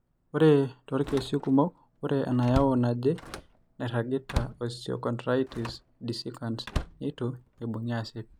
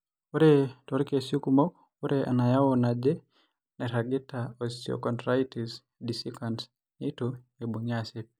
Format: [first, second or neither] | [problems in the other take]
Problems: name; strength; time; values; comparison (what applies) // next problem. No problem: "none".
second | background sound (Slam); 12 dB below the speech